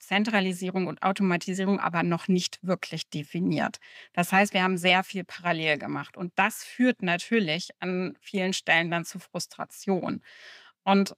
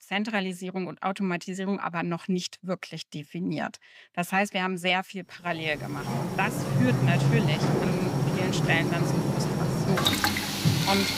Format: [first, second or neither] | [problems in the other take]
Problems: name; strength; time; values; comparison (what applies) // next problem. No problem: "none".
first | household noises; very loud; from 5.5 s on; 4 dB above the speech